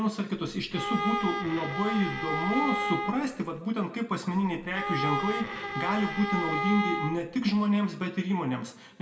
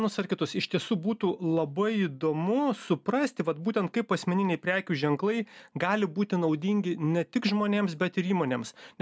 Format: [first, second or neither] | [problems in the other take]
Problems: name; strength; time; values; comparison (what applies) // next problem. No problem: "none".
second | background sound (Bowed string instrument); 3 dB below the speech // room echo; dies away in 0.6 s